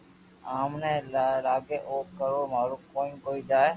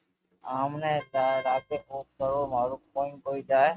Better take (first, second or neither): first